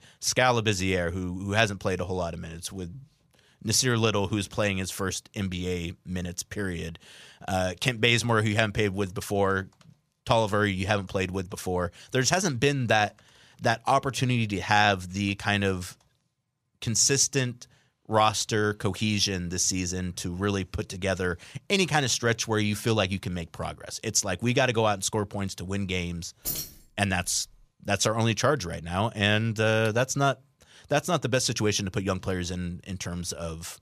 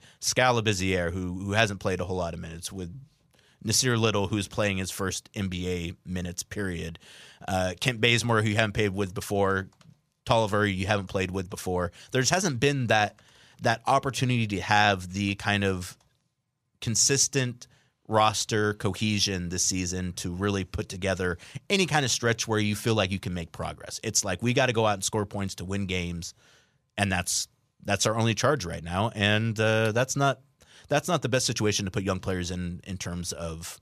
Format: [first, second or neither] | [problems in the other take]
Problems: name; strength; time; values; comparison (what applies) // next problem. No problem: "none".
second | jangling keys; noticeable; at 26 s; peak 5 dB below the speech